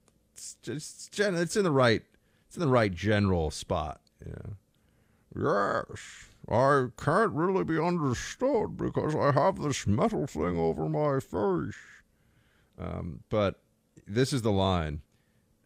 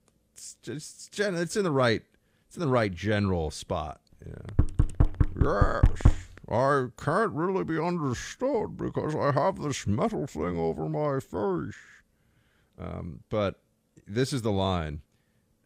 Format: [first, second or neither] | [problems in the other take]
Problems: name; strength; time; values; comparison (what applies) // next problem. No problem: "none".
first | door banging; loud; from 4.5 to 6 s; peak 5 dB above the speech